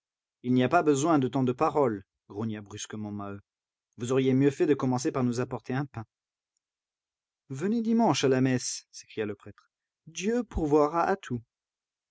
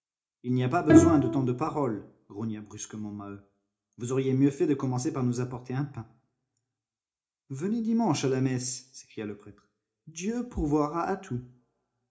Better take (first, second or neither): first